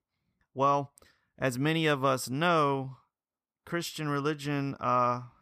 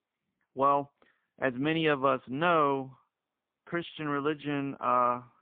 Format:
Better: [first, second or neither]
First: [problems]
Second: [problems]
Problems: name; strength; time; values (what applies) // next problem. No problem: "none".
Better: first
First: none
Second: phone-call audio; poor line; nothing above 3 kHz